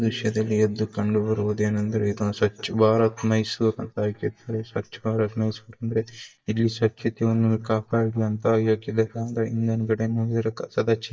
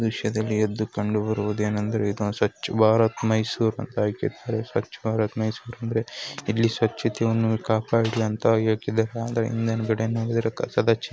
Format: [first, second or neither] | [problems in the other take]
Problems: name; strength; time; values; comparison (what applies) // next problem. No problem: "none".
second | noise reduction (neural mask model DeepFilterNet 3)